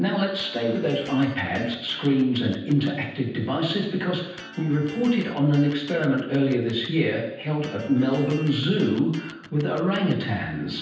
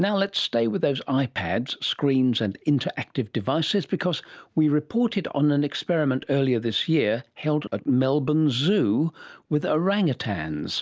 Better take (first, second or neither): second